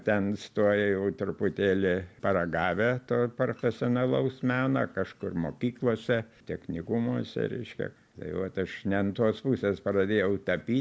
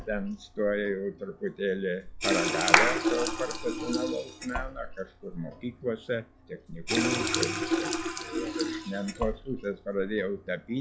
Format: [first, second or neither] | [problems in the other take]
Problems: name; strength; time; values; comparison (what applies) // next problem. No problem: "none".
first | noise reduction (classical method log-MMSE)